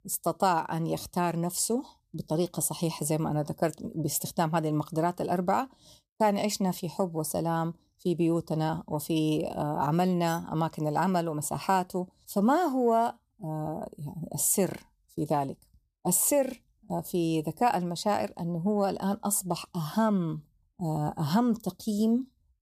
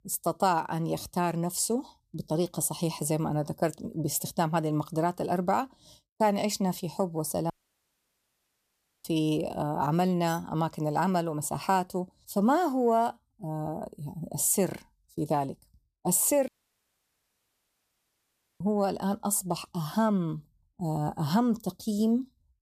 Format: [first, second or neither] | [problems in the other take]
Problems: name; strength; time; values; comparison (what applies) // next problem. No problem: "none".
first | audio cutting out; at 7.5 s for 1.5 s and at 16 s for 2 s